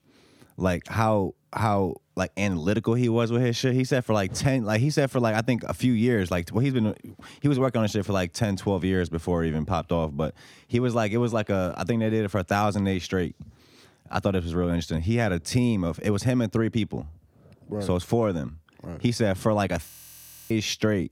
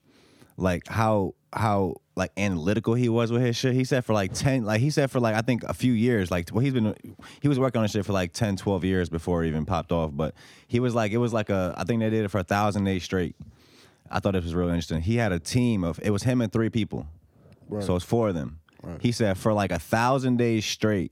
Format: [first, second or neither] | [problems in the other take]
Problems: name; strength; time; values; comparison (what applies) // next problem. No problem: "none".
second | audio freezing; at 20 s for 0.5 s